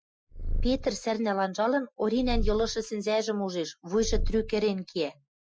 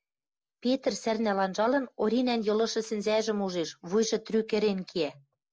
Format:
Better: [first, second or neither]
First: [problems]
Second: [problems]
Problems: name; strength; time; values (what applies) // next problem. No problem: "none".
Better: second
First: noise reduction (classical method Wiener filter)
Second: none